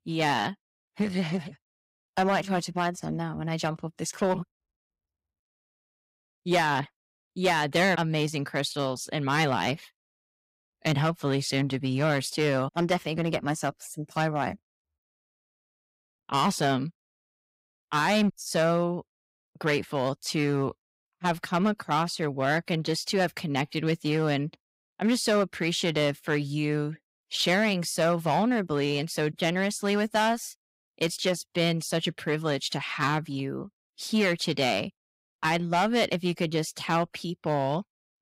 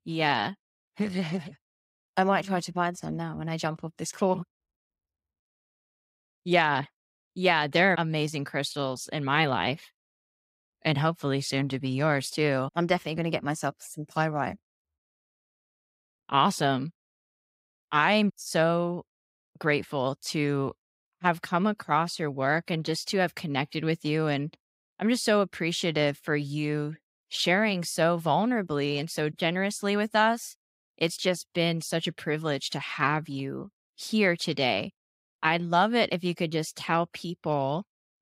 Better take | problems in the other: second | distortion; slight; 4% of the sound clipped

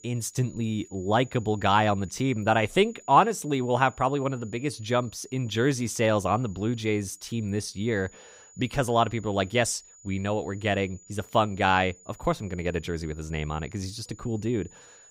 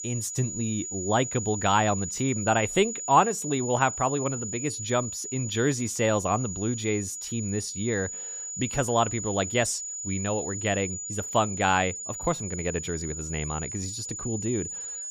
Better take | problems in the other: first | high-pitched whine; loud; throughout; 7 kHz, 5 dB below the speech; faint in the first

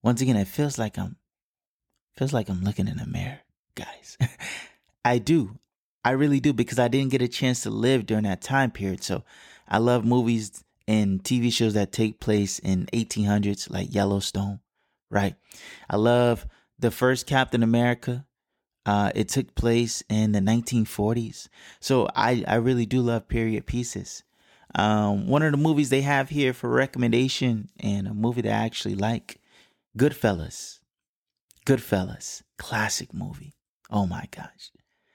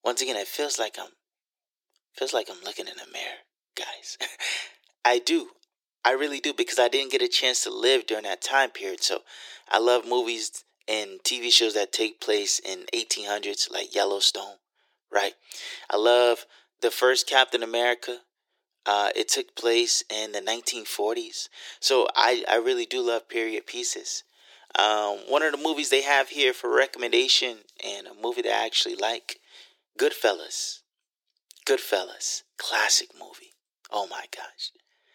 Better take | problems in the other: first | thin; very; fading below 350 Hz

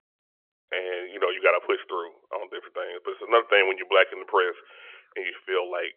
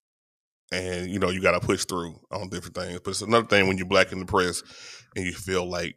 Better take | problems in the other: second | phone-call audio; nothing above 3 kHz

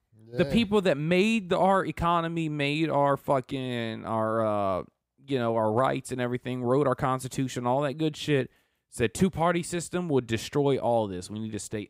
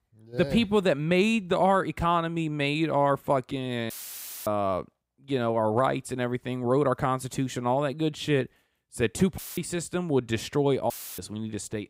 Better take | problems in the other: first | audio cutting out; filled with static; at 4 s for 0.5 s, at 9.5 s and at 11 s

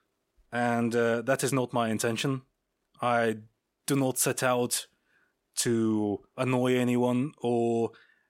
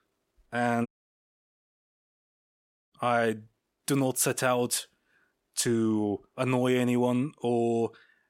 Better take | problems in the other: first | audio cutting out; at 1 s for 2 s

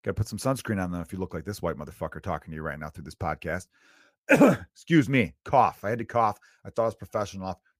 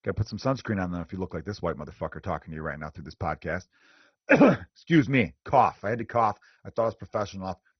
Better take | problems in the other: first | garbled, watery; badly; nothing above 6 kHz

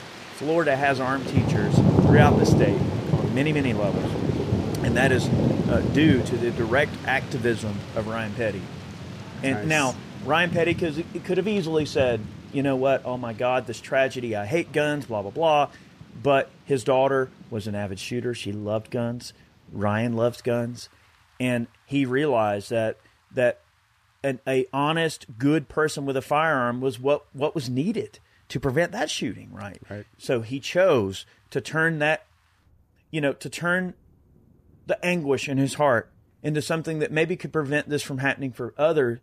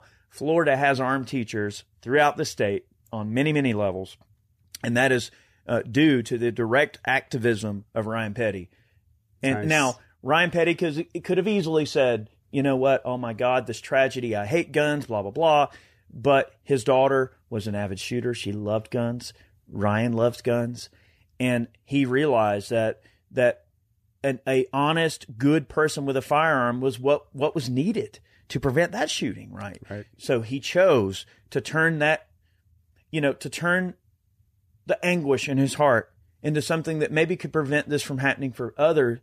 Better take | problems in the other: second | rain or running water; loud; throughout; 1 dB below the speech

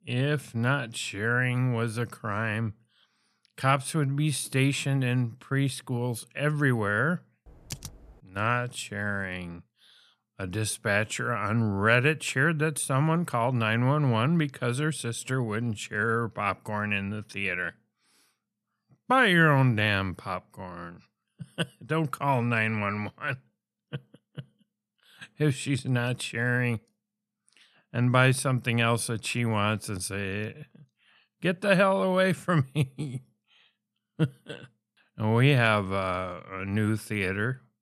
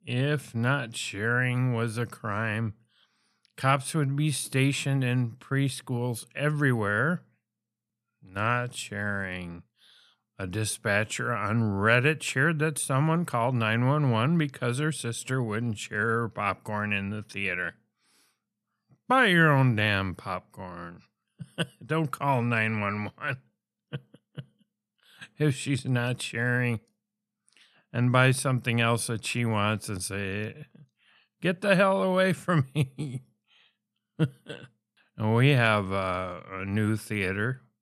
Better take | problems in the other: second | keyboard typing; faint; at 7.5 s; peak 15 dB below the speech

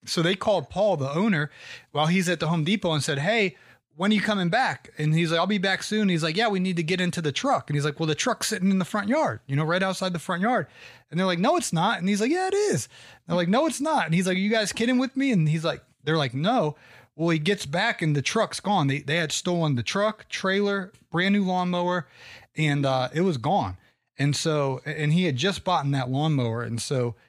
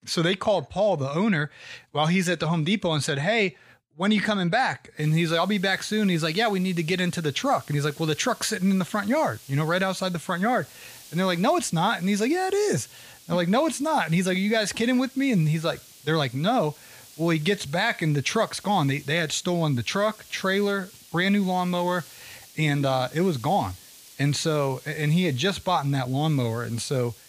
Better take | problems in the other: first | hiss; faint; from 5 s on; 20 dB below the speech

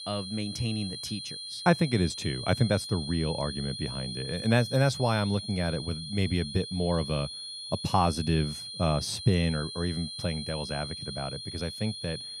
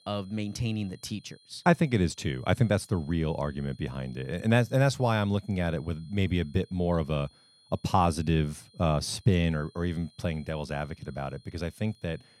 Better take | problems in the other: second | high-pitched whine; loud; throughout; 4 kHz, 7 dB below the speech; faint in the second

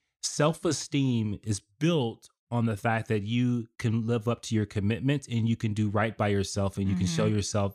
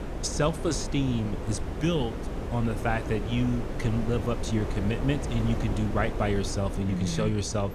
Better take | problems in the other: first | wind noise on the microphone; heavy; 6 dB below the speech

